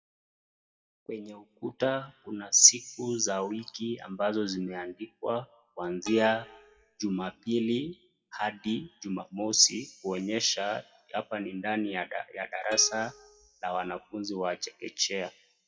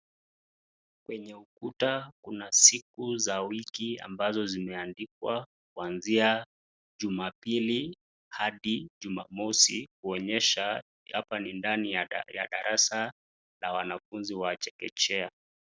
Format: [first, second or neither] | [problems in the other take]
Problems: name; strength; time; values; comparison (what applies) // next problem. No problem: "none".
second | noise reduction (classical method WPE with log-MMSE)